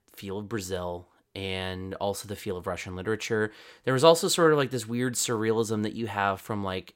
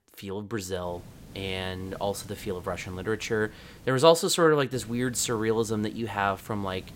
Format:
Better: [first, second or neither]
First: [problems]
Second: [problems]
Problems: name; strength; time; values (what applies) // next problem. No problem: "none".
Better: first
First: none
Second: hiss; faint; from 1 to 4 s and from 4.5 s on; 20 dB below the speech